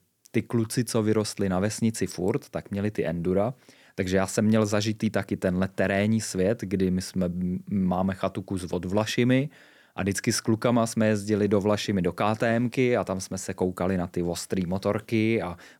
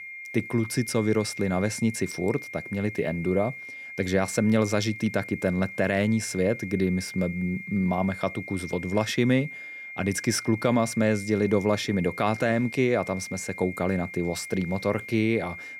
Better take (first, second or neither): first